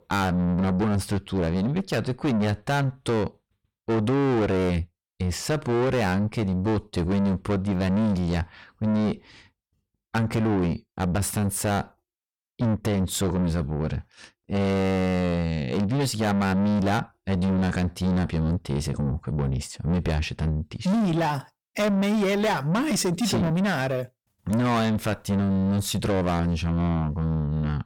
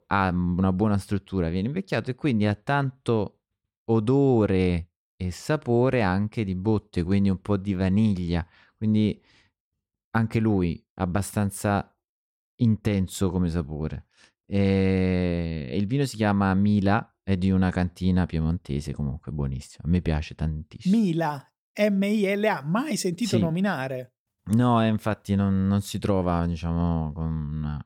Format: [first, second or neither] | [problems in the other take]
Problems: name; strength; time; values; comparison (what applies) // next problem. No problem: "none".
second | distortion; heavy; 6 dB below the speech